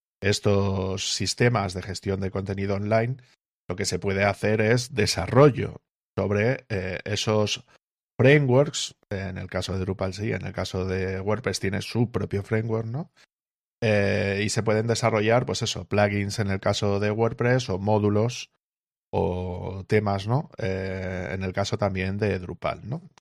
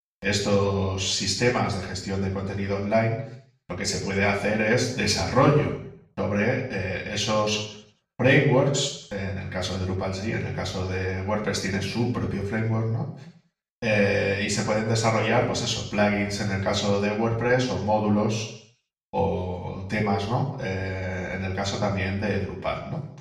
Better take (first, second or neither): first